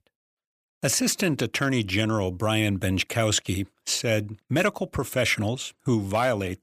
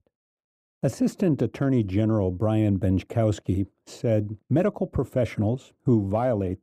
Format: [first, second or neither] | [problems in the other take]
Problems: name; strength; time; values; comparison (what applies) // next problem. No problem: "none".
first | muffled; very; fading above 1 kHz